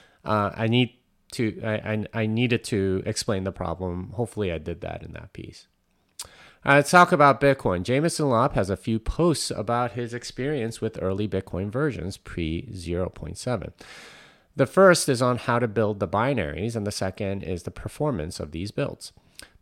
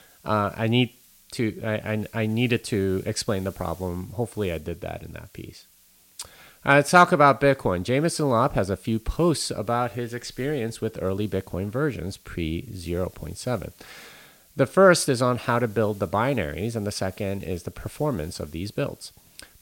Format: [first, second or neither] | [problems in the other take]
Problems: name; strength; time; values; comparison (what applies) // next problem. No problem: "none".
first | hiss; faint; throughout; 25 dB below the speech